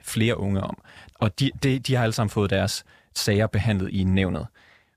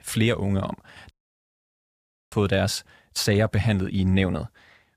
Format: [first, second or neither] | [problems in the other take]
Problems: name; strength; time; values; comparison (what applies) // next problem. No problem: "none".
first | audio cutting out; at 1 s for 1 s